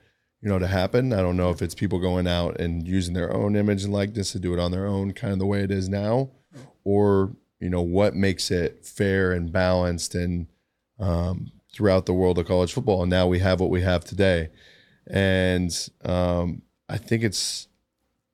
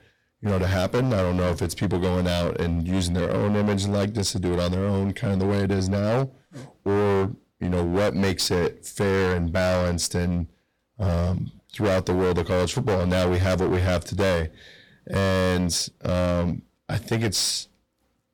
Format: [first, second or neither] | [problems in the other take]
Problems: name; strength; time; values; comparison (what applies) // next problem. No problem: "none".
first | distortion; heavy; 19% of the sound clipped